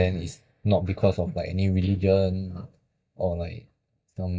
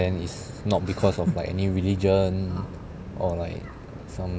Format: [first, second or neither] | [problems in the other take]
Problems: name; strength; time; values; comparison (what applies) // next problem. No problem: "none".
second | noise reduction (neural mask model DeepFilterNet 3)